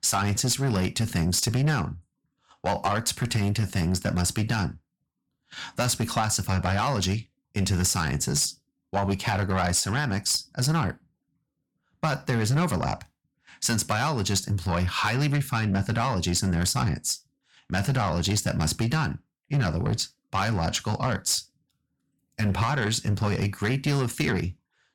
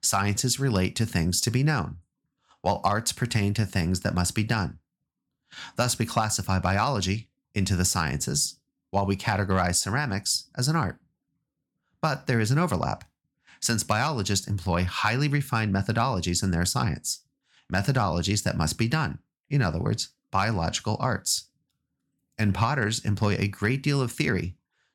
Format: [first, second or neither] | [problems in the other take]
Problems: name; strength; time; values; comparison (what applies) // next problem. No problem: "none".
second | distortion; slight; 10 dB below the speech